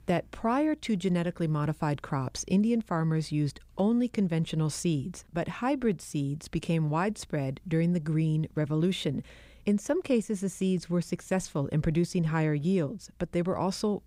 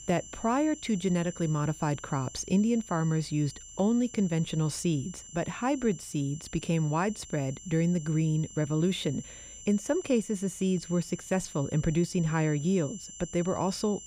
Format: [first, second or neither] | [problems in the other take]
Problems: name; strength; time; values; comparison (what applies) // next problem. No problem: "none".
first | high-pitched whine; noticeable; throughout; 7 kHz, 15 dB below the speech